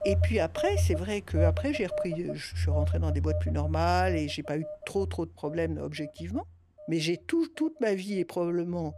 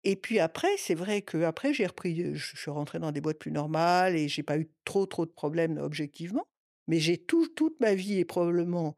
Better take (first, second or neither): second